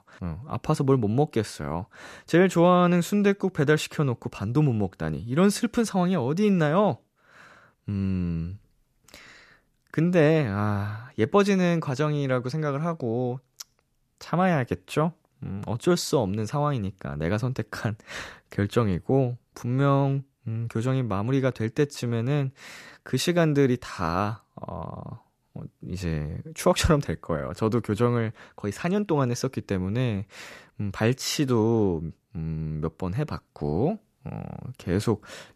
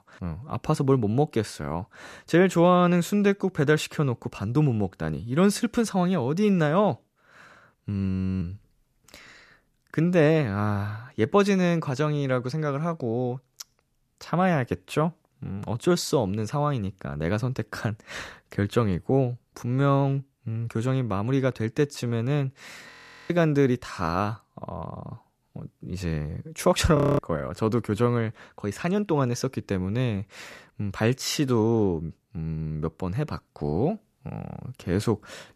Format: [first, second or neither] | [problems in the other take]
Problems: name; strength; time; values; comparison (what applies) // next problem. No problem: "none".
first | audio freezing; at 8 s, at 23 s and at 27 s